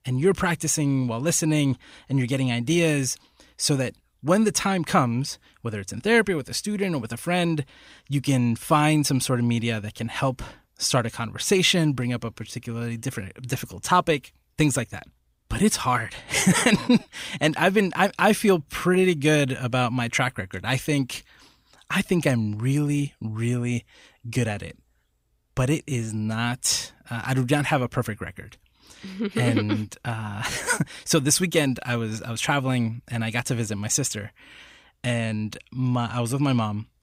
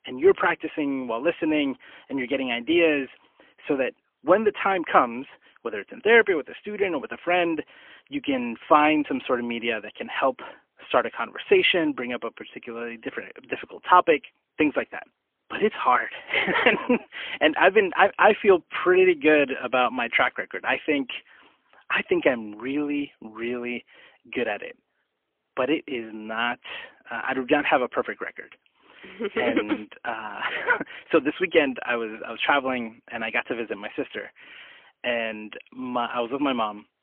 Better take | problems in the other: first | phone-call audio; poor line; nothing above 3 kHz

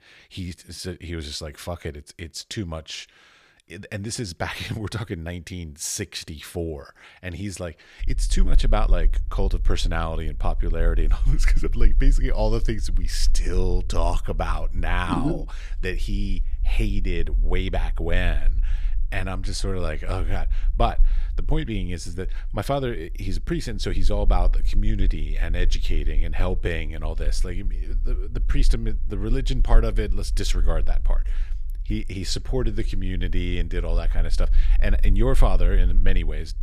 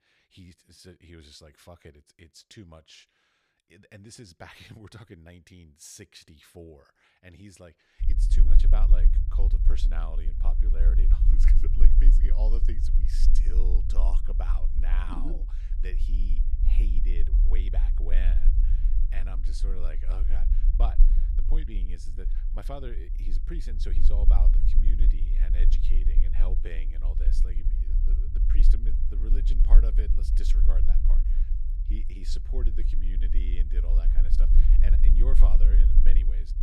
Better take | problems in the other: first | low rumble; loud; from 8 s on; 4 dB below the speech; faint in the first

